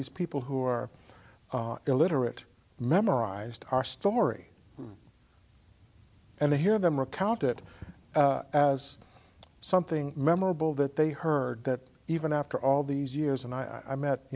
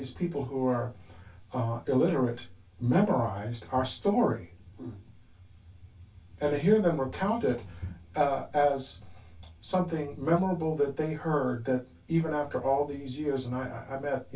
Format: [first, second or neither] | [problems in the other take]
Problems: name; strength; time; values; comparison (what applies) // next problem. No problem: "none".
first | room echo; dies away in 0.1 s